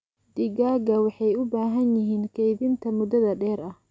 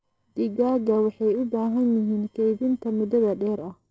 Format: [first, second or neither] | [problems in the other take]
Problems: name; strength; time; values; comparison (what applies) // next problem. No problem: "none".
first | noise reduction (neural separator model SepFormer DNS4)